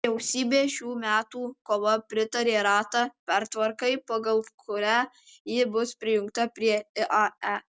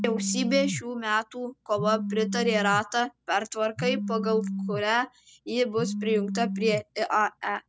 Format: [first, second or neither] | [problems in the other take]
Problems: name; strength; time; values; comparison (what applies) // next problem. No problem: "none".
first | background sound (Telephone); 6 dB below the speech